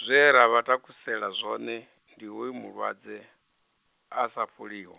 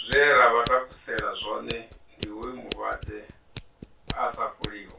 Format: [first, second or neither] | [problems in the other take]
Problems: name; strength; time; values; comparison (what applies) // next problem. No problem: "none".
first | background sound (Scissors); 13 dB below the speech // room echo; dies away in 0.2 s